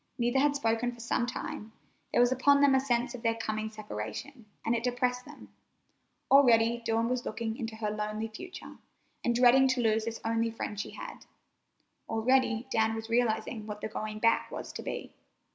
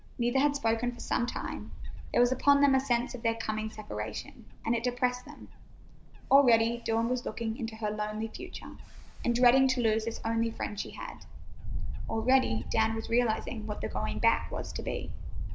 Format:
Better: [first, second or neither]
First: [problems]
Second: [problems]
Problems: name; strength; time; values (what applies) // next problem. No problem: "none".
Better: first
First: none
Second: background sound (Wind / Bird); 6 dB below the speech